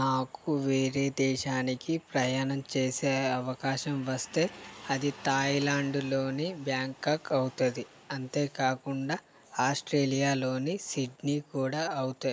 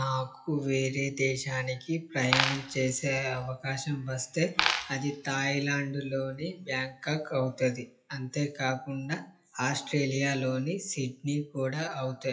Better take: first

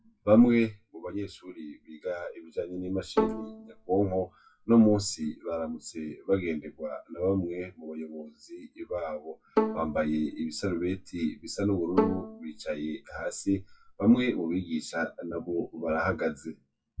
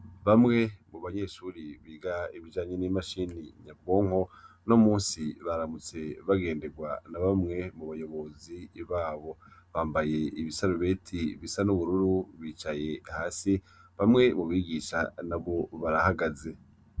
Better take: second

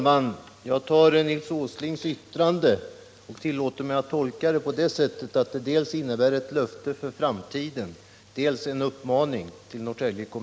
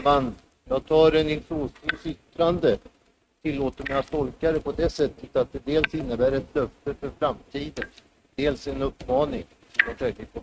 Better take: first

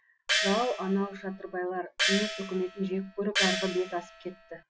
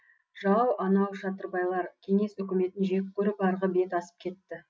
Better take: second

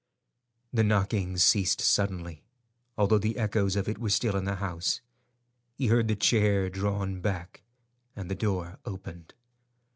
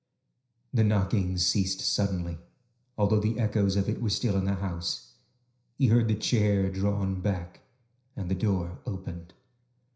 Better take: first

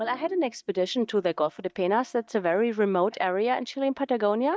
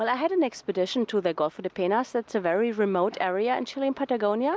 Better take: second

